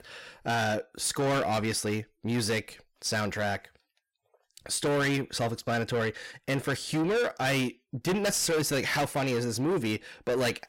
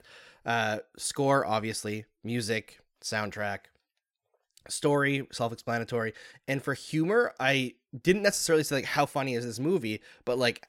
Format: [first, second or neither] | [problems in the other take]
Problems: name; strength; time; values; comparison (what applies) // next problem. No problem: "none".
second | distortion; heavy; 6 dB below the speech